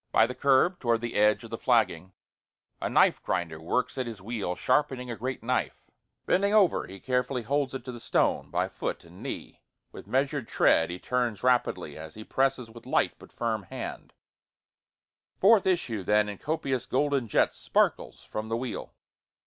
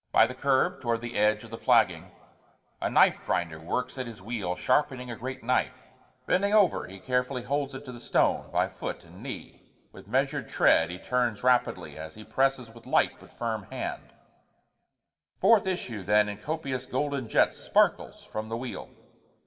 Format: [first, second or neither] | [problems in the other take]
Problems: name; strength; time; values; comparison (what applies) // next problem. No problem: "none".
first | room echo; dies away in 0.9 s